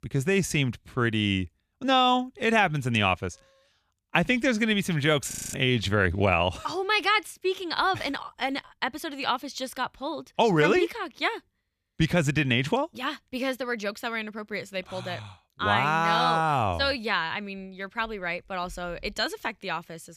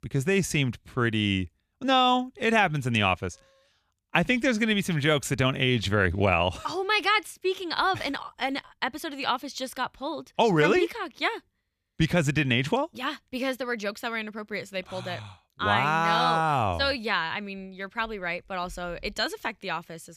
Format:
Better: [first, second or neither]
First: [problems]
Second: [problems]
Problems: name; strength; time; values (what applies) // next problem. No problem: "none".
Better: second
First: audio freezing; at 5.5 s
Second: none